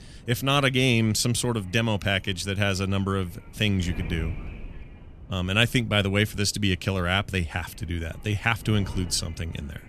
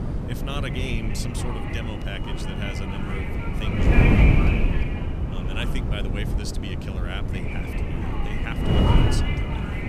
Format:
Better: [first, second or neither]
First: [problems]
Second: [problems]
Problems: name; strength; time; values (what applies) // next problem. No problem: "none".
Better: first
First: wind noise on the microphone; occasional gusts; 25 dB below the speech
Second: wind noise on the microphone; heavy; 5 dB above the speech